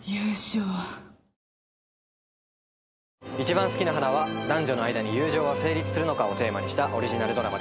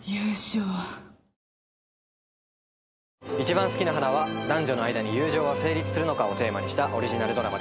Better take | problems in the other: first | background sound (Bowed string instrument); 11 dB below the speech

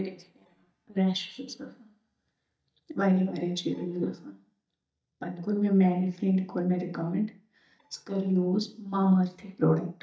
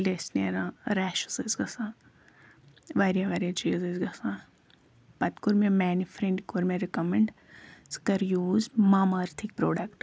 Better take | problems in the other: second | noise reduction (neural mask model DeepFilterNet 3)

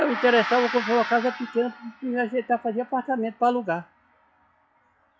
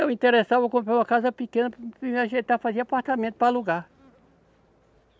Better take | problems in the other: second | noise reduction (classical method log-MMSE)

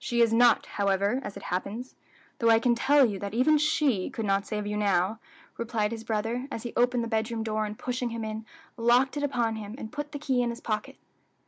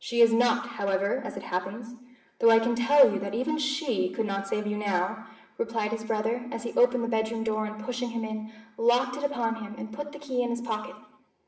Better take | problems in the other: first | room echo; dies away in 0.8 s

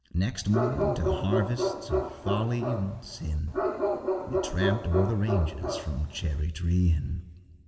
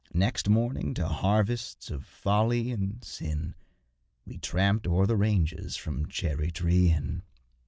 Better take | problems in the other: second | background sound (Bark); 2 dB below the speech // room echo; dies away in 1.6 s

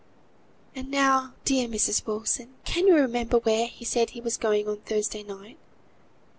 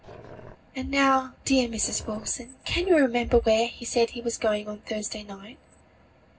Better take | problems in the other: first | background sound (Growling); 20 dB below the speech // room echo; dies away in 0.4 s

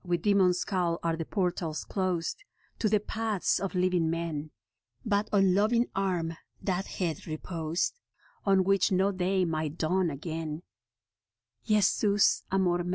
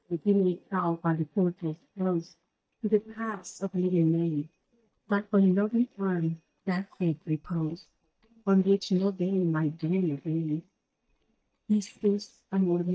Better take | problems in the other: first | noise reduction (neural mask model DeepFilterNet 3)

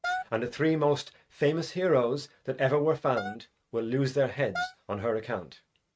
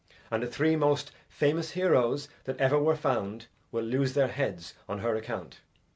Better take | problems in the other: second | noise reduction (neural mask model RNNoise)

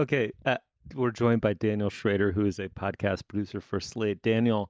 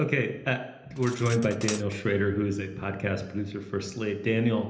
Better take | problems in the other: first | background sound (Cutlery, silverware); 16 dB below the speech // room echo; dies away in 1 s

